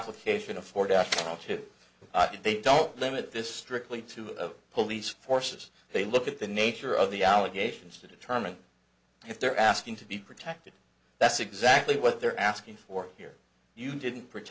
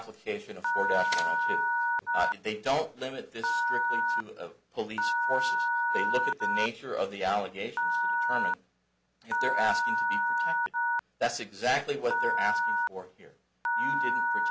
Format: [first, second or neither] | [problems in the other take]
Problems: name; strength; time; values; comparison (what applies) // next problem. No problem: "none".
first | background sound (Telephone); 5 dB above the speech